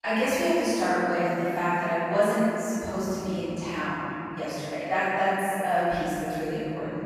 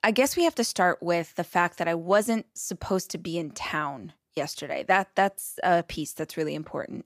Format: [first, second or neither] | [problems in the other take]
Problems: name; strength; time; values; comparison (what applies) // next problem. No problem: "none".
second | off-mic speech; far // room echo; strong; dies away in 3 s